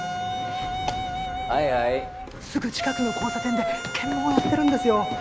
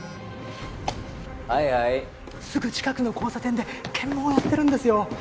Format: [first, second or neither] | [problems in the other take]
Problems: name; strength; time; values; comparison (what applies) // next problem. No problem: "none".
second | background sound (Wind instrument, woodwind instrument); 4 dB below the speech